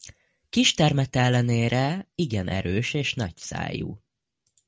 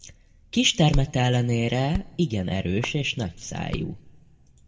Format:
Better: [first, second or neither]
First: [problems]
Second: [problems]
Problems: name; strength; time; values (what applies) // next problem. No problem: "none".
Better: first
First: none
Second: background sound (Hands); 10 dB below the speech // room echo; dies away in 0.8 s